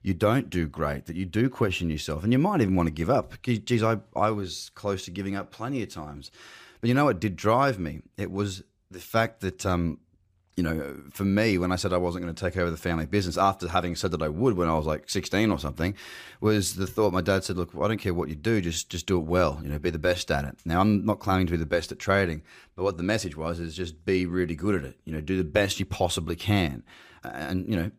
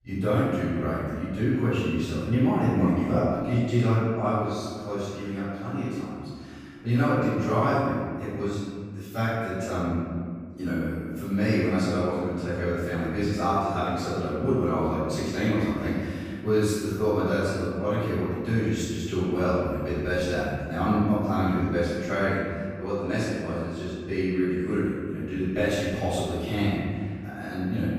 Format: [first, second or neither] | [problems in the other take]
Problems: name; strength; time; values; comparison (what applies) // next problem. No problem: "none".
first | off-mic speech; far // room echo; strong; dies away in 1.9 s